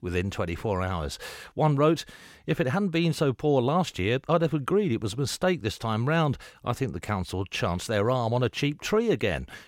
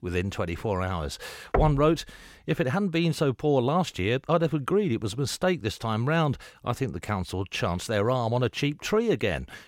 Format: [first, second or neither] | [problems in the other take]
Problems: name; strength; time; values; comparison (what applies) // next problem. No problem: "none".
first | door banging; noticeable; at 1.5 s; peak 2 dB below the speech